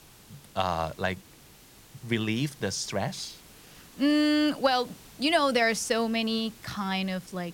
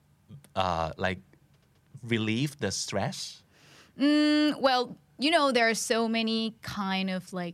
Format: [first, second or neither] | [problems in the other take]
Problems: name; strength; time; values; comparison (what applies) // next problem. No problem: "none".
second | hiss; faint; throughout; 25 dB below the speech